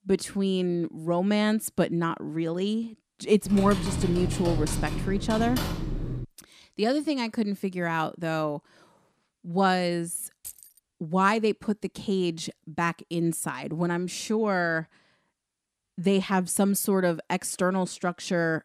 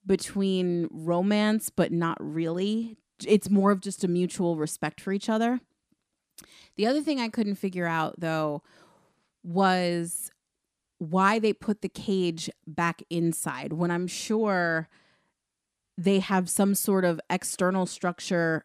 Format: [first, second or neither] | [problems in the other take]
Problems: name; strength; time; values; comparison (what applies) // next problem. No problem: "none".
second | keyboard typing; noticeable; from 3.5 to 6.5 s; peak 3 dB below the speech // jangling keys; faint; at 10 s; peak 15 dB below the speech